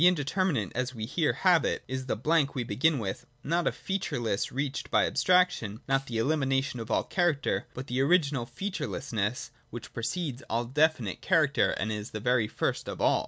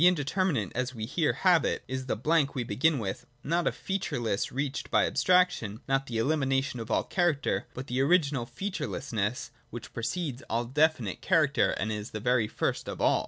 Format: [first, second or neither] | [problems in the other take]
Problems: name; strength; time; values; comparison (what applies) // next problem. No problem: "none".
second | background sound (Snare drum); 20 dB below the speech